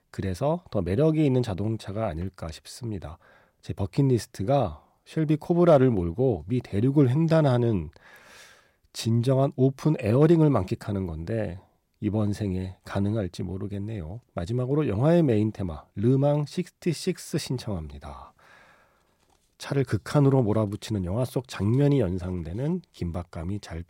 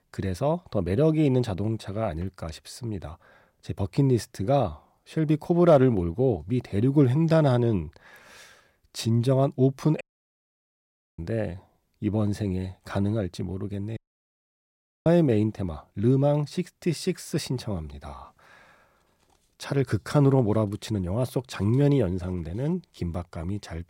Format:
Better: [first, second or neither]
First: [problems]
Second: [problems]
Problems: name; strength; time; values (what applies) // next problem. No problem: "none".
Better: first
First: none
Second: audio cutting out; at 10 s for 1 s and at 14 s for 1 s